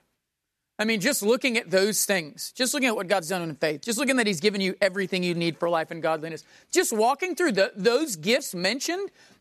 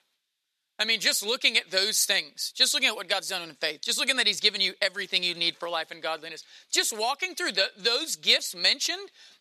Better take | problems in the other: first | thin; somewhat; fading below 1 kHz

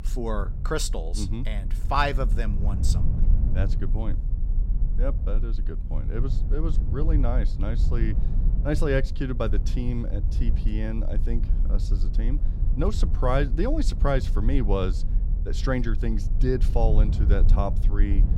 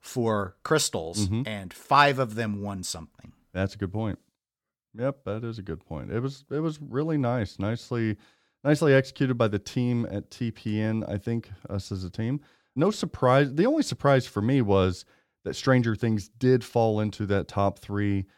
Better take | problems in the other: second | low rumble; noticeable; throughout; 15 dB below the speech

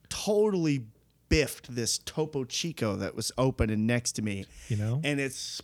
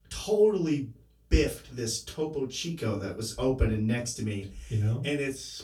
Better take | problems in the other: first | off-mic speech; far // room echo; very slight; dies away in 0.2 s

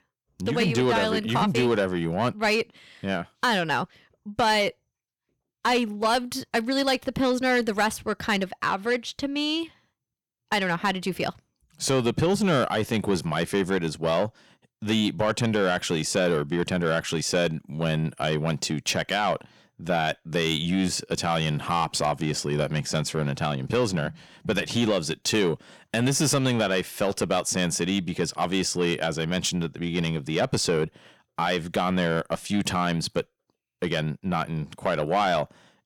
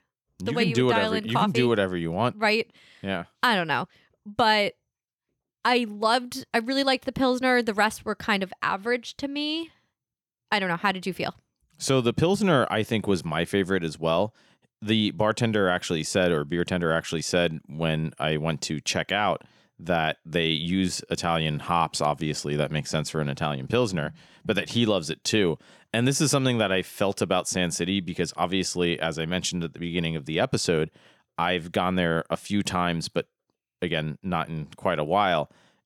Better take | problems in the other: second | distortion; slight; 10 dB below the speech

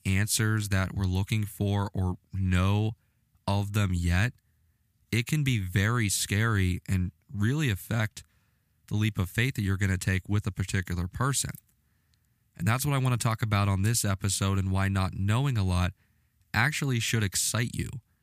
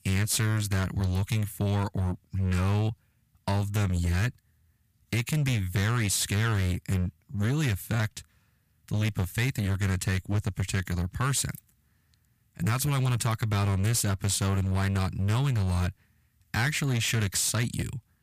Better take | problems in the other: first | distortion; slight; 14% of the sound clipped

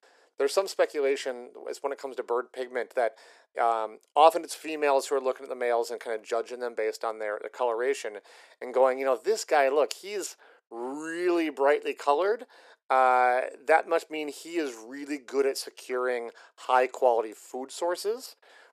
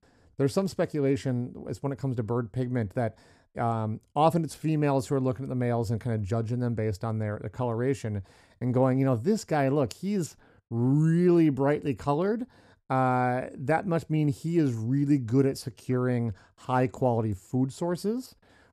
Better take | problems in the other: second | thin; very; fading below 400 Hz

